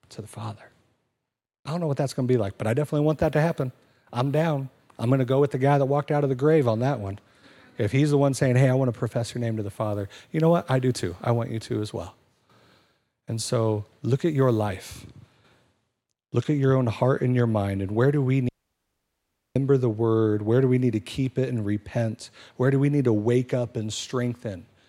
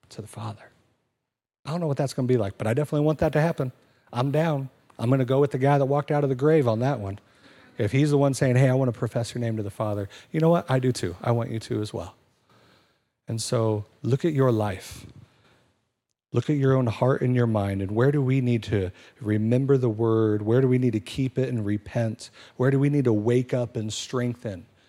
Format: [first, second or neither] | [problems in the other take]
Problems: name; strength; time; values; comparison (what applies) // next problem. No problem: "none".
second | audio cutting out; at 18 s for 1 s